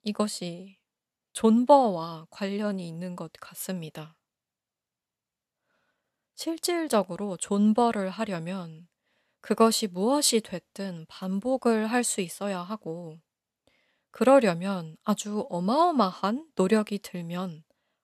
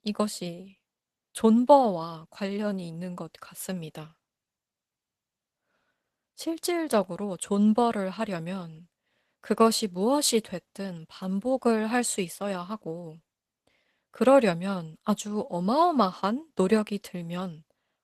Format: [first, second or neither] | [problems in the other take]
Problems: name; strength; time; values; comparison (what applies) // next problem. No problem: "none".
first | garbled, watery; slightly; nothing above 13.5 kHz